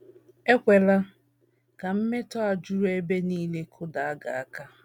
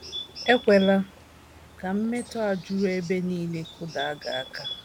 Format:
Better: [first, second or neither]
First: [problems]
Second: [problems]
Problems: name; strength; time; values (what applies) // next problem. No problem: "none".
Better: first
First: none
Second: background sound (Bird); 14 dB below the speech